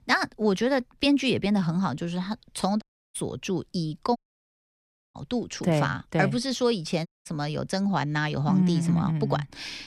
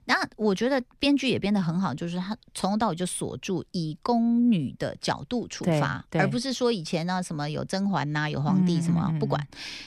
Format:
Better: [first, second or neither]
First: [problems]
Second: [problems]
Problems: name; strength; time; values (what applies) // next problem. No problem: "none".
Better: second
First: audio cutting out; at 3 s, at 4 s for 1 s and at 7 s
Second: none